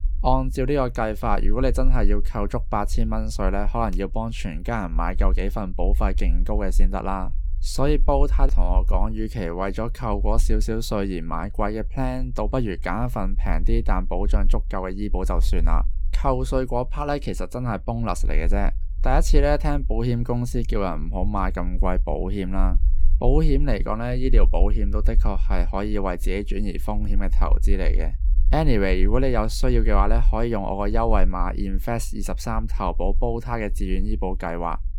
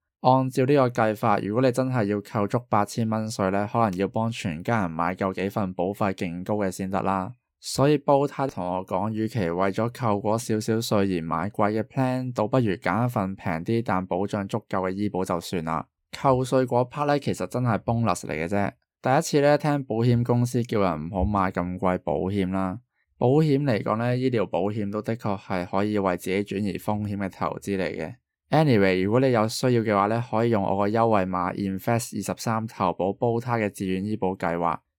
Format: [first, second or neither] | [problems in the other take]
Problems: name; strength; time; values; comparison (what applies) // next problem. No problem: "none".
second | low rumble; faint; throughout; 25 dB below the speech